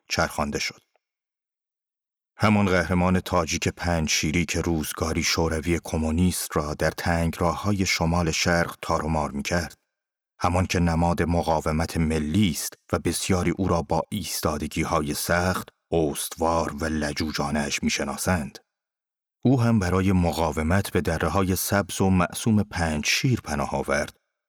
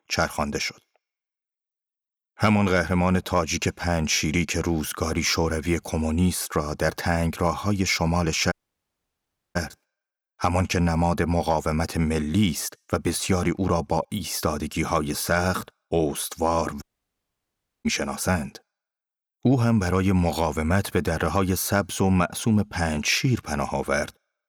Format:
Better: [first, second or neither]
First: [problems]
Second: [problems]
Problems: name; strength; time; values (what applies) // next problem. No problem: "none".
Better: first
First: none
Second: audio cutting out; at 8.5 s for 1 s and at 17 s for 1 s